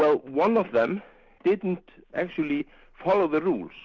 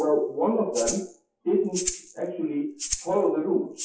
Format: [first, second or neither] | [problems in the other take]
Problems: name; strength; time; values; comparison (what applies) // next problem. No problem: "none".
first | noise reduction (classical method WPE with log-MMSE)